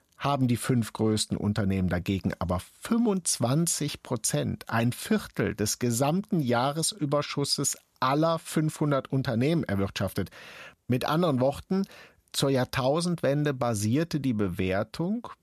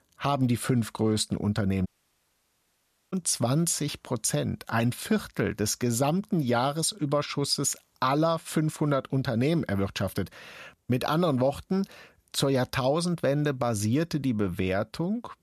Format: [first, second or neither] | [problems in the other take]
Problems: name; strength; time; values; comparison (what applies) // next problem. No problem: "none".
first | audio cutting out; at 2 s for 1.5 s